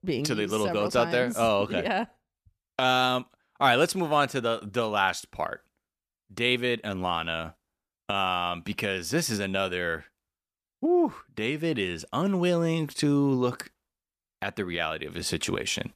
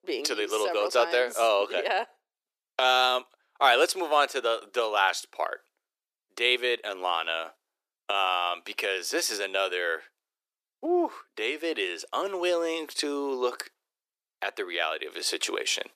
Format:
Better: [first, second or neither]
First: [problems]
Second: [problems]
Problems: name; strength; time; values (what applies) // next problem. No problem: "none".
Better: first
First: none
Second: thin; very; fading below 350 Hz